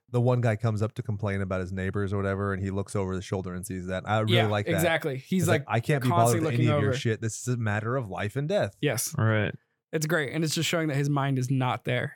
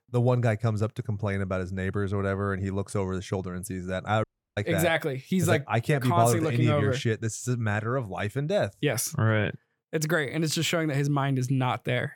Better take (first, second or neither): first